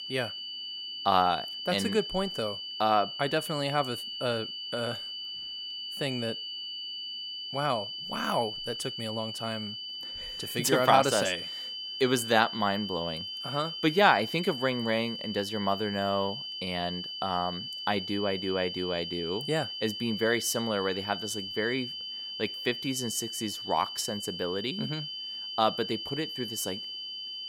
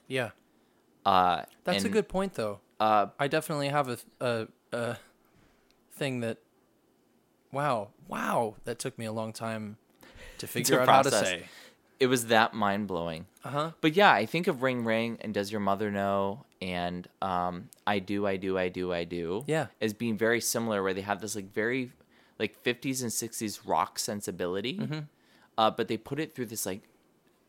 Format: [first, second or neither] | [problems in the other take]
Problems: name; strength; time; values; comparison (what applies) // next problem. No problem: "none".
second | high-pitched whine; loud; throughout; 3 kHz, 5 dB below the speech